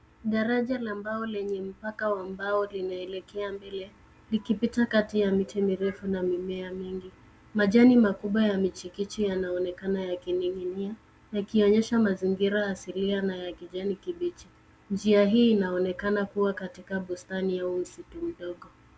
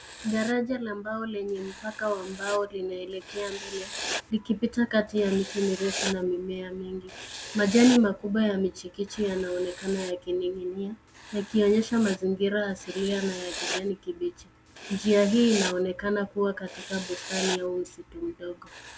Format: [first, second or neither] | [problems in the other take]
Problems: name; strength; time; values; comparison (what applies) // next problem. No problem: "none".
first | background sound (Writing); 12 dB below the speech